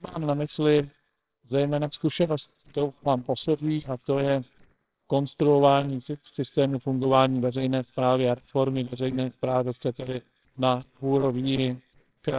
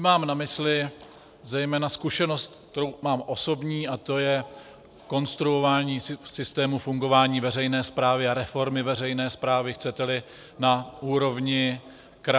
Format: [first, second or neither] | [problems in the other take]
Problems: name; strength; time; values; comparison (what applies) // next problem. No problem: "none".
second | noise reduction (neural separator model SepFormer WHAMR!)